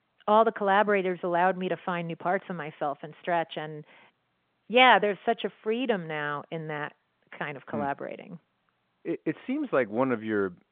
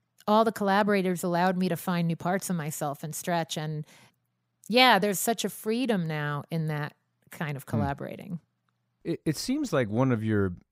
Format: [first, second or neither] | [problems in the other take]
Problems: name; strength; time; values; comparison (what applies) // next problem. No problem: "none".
second | phone-call audio; nothing above 3.5 kHz